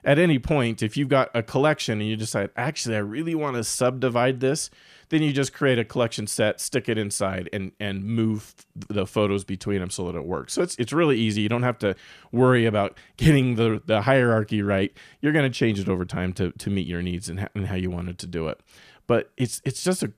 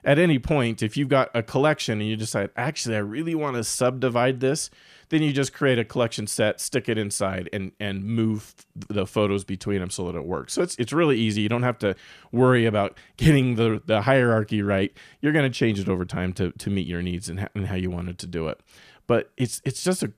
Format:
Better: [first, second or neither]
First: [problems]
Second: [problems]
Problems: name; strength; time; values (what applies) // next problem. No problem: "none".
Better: neither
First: none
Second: none